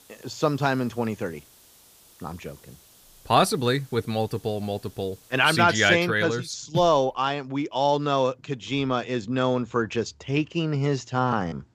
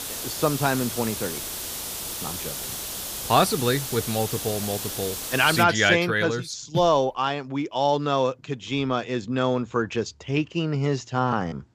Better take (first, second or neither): first